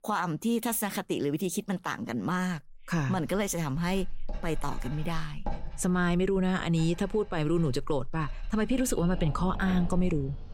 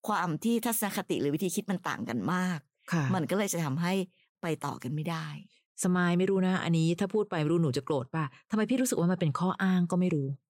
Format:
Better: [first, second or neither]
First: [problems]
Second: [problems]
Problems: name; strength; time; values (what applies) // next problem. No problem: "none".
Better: second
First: household noises; noticeable; throughout; 15 dB below the speech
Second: none